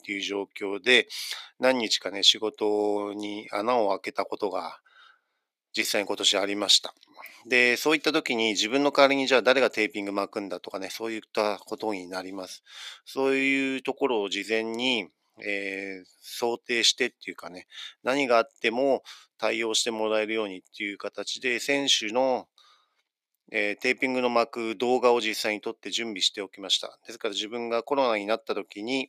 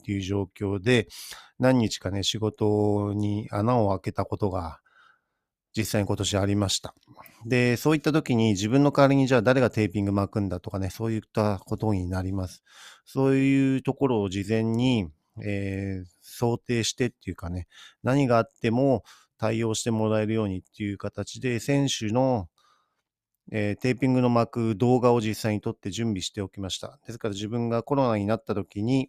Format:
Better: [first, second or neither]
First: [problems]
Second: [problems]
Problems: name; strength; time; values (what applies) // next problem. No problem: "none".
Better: second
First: thin; somewhat; fading below 350 Hz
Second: none